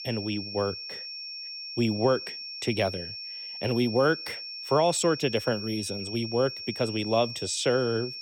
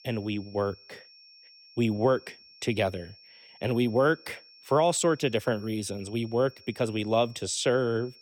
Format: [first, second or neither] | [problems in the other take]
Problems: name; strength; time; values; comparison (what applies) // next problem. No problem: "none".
second | high-pitched whine; loud; throughout; 5.5 kHz, 8 dB below the speech; faint in the second